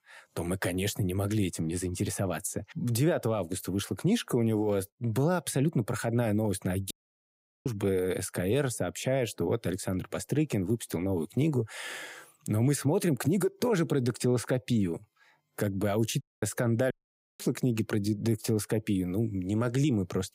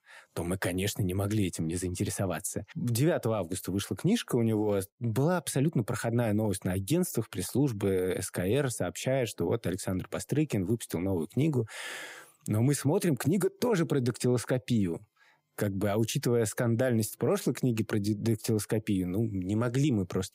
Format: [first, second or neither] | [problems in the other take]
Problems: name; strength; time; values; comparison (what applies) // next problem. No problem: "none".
second | audio cutting out; at 7 s for 1 s, at 16 s and at 17 s